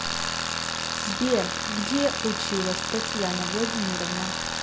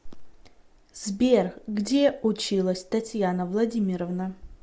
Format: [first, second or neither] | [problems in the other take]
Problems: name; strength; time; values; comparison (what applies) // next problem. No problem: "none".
second | background sound (Tools); 1 dB above the speech